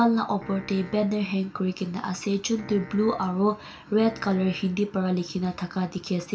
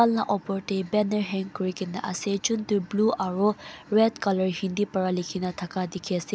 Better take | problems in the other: second | background sound (Piano); 18 dB below the speech // room echo; dies away in 0.3 s

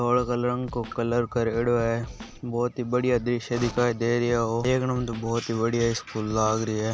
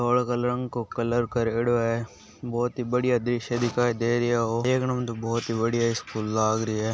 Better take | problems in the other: second | background sound (Scratching (performance technique)); 18 dB below the speech

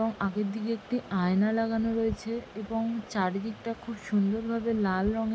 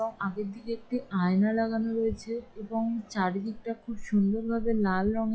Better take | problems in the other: first | noise reduction (classical method log-MMSE)

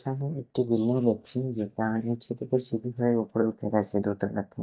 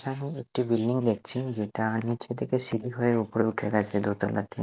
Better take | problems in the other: second | noise reduction (neural mask model DeepFilterNet 3)

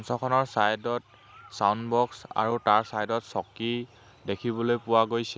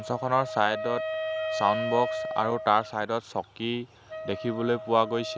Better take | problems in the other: first | background sound (Wind instrument, woodwind instrument); 6 dB below the speech

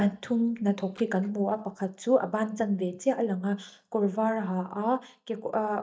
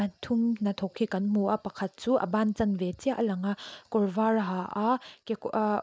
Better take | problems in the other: second | noise reduction (neural mask model DeepFilterNet 3)

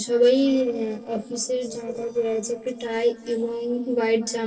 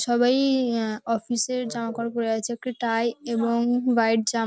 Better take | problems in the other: second | noise reduction (neural separator model SepFormer DNS4)

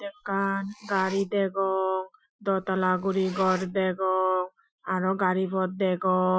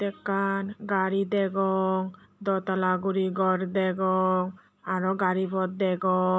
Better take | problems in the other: second | noise reduction (classical method Wiener filter)

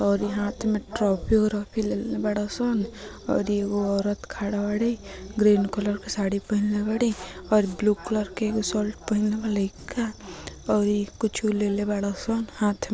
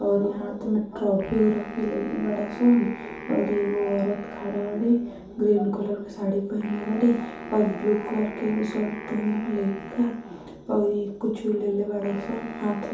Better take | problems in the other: first | background sound (Wind instrument, woodwind instrument); 15 dB below the speech // room echo; dies away in 0.6 s

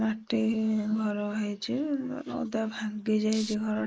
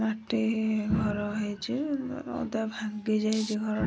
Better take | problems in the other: second | noise reduction (neural mask model Resemble Enhance denoiser)

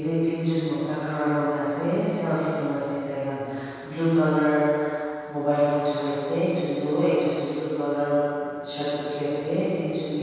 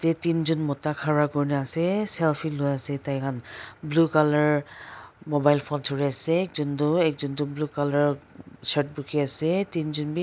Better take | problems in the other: second | room echo; dies away in 2.2 s

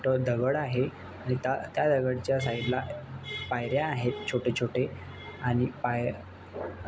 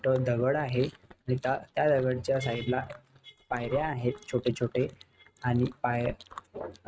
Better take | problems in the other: first | noise reduction (neural mask model RNNoise)

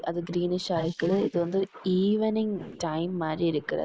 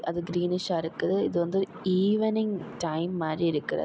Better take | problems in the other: second | noise reduction (neural mask model Resemble Enhance denoiser)

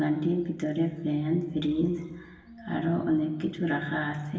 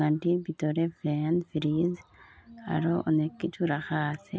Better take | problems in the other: second | room echo; dies away in 1.1 s

